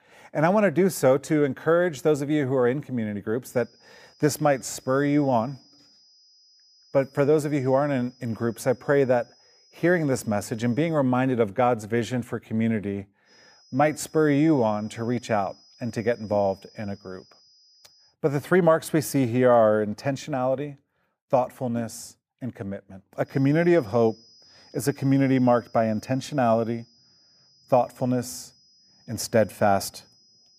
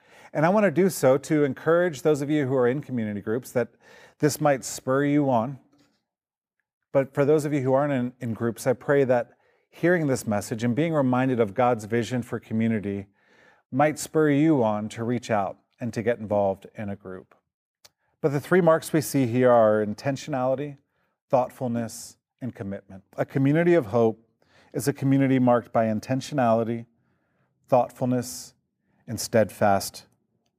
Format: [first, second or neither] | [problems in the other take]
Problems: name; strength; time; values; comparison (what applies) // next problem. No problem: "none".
second | high-pitched whine; faint; from 3.5 to 11 s, from 13 to 18 s and from 23 s on; 5 kHz, 30 dB below the speech